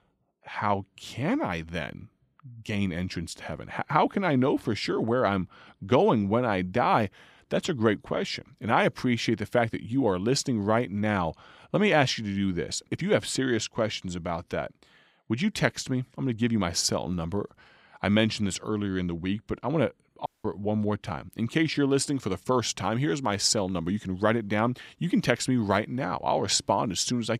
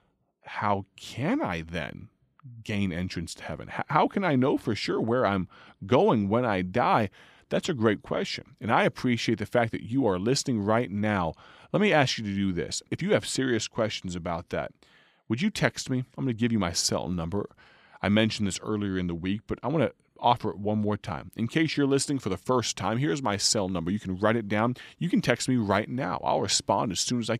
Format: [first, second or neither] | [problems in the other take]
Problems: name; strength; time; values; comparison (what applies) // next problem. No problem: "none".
second | audio cutting out; at 20 s